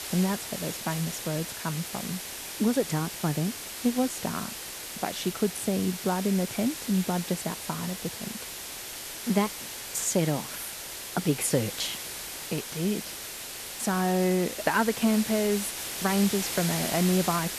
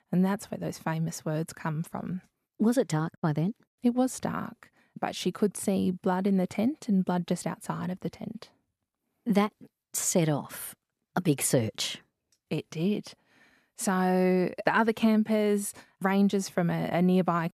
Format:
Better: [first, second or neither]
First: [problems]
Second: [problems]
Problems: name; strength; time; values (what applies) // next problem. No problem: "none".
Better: second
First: hiss; loud; throughout; 6 dB below the speech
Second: none